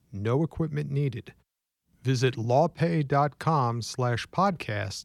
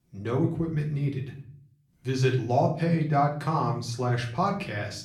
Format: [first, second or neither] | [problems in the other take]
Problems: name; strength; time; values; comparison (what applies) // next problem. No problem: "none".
first | room echo; slight; dies away in 0.4 s // off-mic speech; far